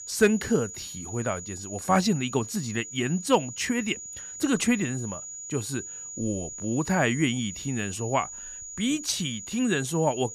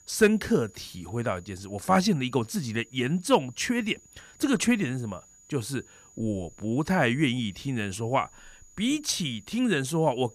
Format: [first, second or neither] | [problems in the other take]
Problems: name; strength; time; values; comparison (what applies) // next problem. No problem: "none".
second | high-pitched whine; loud; throughout; 7 kHz, 9 dB below the speech; faint in the second